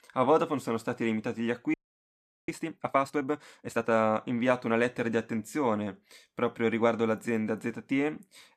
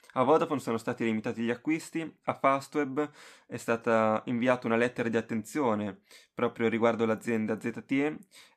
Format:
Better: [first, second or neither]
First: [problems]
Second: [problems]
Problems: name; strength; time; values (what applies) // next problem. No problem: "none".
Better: second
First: audio freezing; at 1.5 s for 0.5 s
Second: none